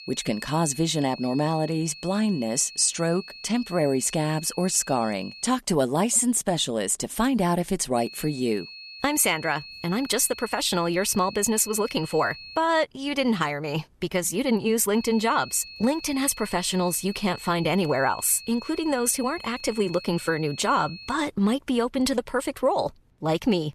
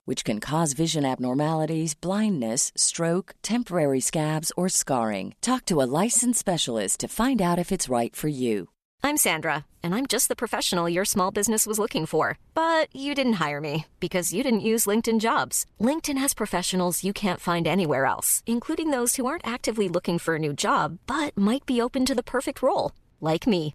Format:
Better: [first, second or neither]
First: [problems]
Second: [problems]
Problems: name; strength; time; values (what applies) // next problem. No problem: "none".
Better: second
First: high-pitched whine; noticeable; until 5.5 s, from 8 to 13 s and from 15 to 21 s; 4.5 kHz, 15 dB below the speech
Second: none